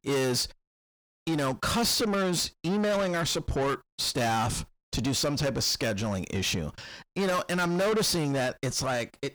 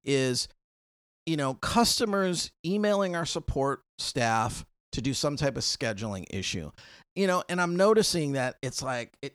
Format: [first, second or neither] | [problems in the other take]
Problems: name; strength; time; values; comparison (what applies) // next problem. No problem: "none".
second | distortion; heavy; 6 dB below the speech